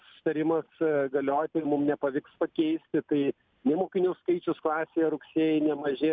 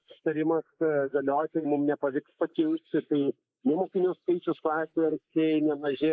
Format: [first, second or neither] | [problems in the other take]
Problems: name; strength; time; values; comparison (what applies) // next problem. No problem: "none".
first | noise reduction (neural mask model Resemble Enhance denoiser)